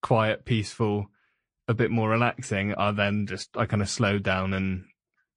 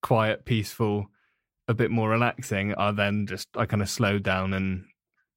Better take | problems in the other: second | garbled, watery; slightly; nothing above 8.5 kHz

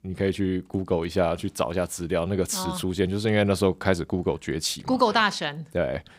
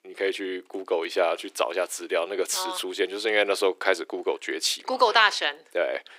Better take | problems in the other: first | thin; very; fading below 350 Hz

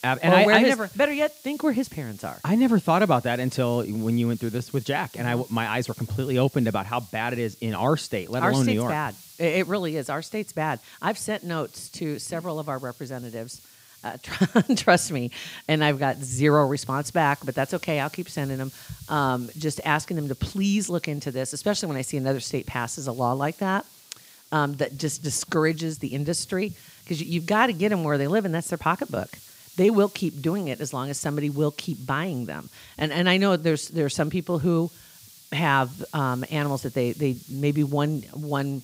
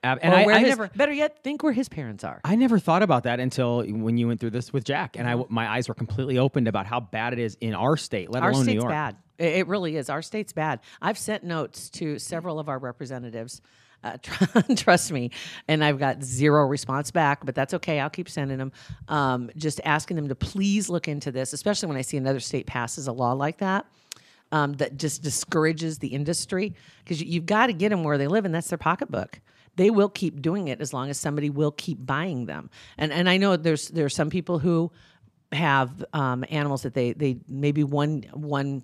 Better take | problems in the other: second | hiss; faint; throughout; 20 dB below the speech

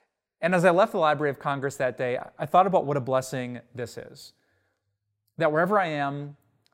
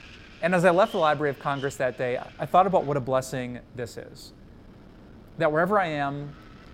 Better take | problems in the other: first | wind noise on the microphone; occasional gusts; 25 dB below the speech

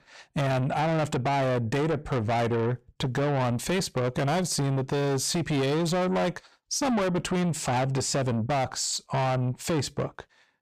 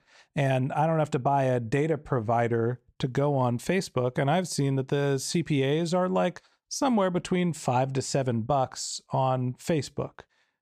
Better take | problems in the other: second | distortion; heavy; 8 dB below the speech

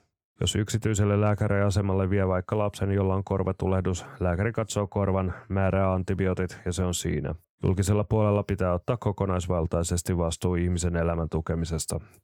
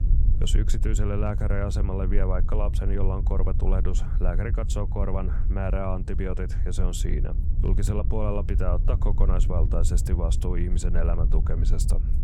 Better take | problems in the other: first | low rumble; noticeable; throughout; 10 dB below the speech

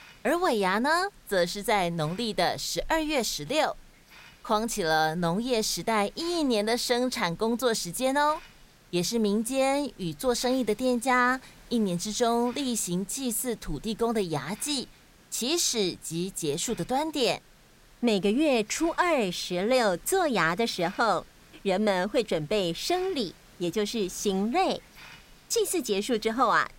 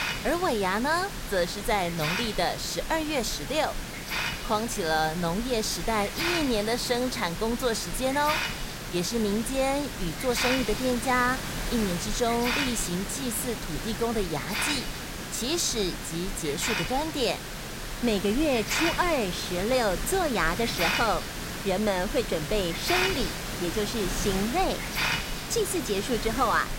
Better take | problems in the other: first | hiss; loud; throughout; 4 dB below the speech; faint in the first

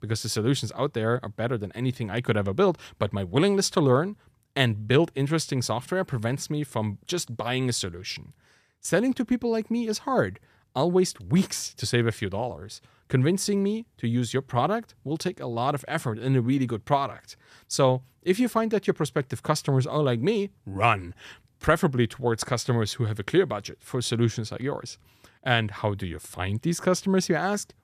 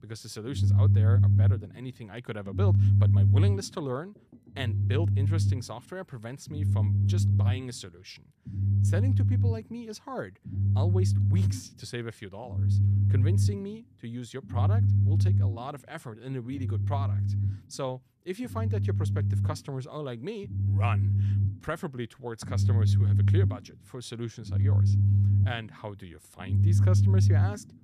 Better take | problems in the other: first | low rumble; loud; throughout; 1 dB below the speech

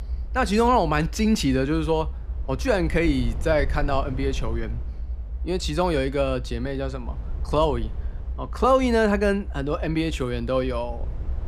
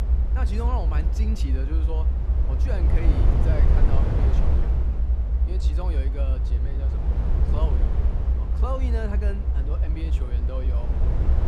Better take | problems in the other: first | low rumble; loud; throughout; 1 dB below the speech; faint in the first

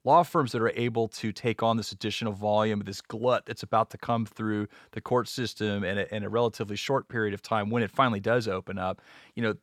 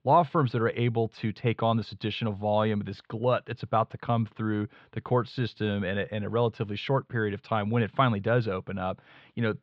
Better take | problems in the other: first | muffled; slightly; fading above 3.5 kHz

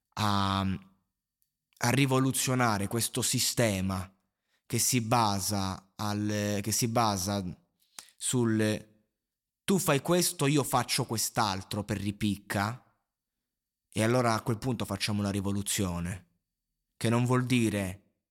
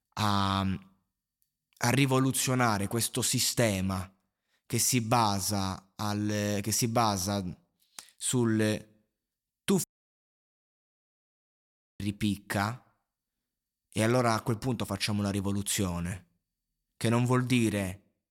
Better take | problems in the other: first | audio cutting out; at 10 s for 2 s

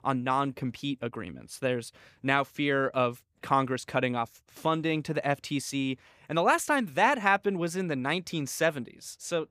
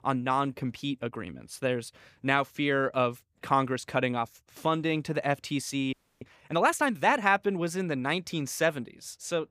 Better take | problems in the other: first | audio freezing; at 6 s

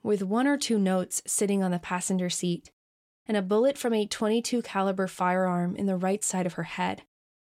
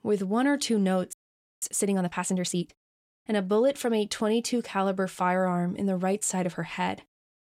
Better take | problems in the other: first | audio freezing; at 1 s

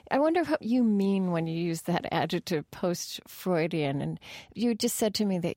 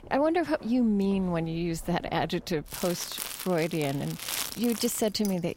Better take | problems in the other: first | household noises; loud; throughout; 8 dB below the speech

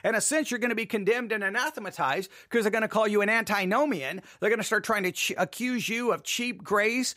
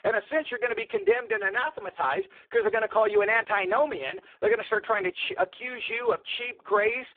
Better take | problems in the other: first | phone-call audio; poor line

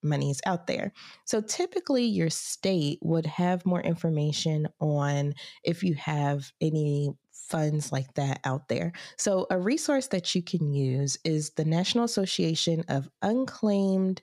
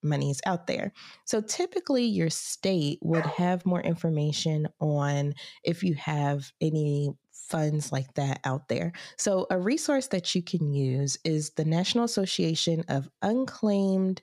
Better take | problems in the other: first | dog barking; noticeable; at 3 s; peak 7 dB below the speech

